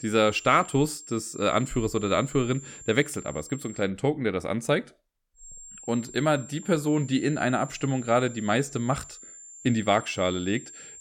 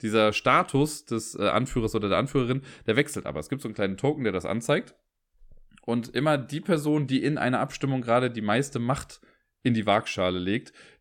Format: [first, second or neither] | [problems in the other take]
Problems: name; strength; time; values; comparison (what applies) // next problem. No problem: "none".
second | high-pitched whine; noticeable; until 4 s and from 5.5 s on; 7.5 kHz, 15 dB below the speech